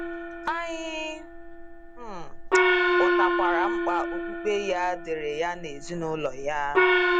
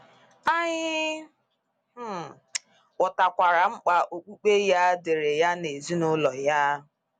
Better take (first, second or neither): second